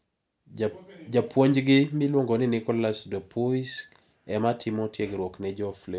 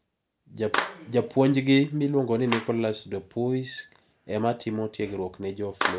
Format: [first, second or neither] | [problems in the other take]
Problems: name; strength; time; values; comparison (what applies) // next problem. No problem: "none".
first | background sound (Clapping); 10 dB below the speech